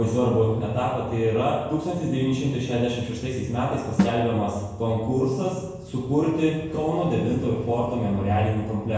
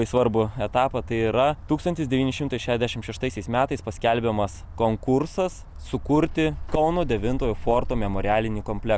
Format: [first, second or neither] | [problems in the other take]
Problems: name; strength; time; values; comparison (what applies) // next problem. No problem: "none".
second | background sound (Drum); 9 dB below the speech // room echo; dies away in 1 s